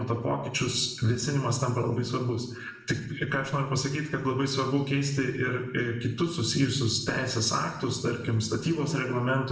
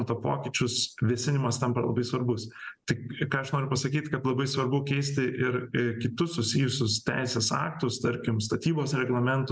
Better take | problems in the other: second | room echo; dies away in 0.7 s

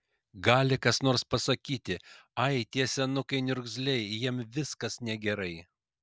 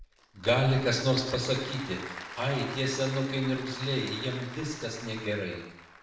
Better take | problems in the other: first | background sound (Applause / Crowd); 13 dB below the speech // room echo; dies away in 0.8 s

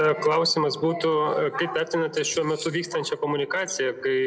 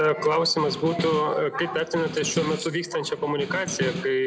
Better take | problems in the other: first | background sound (Snare drum); 10 dB below the speech

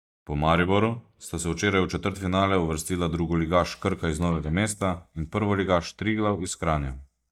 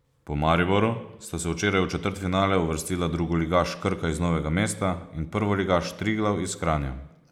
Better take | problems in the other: second | noise reduction (neural mask model DeepFilterNet 3)

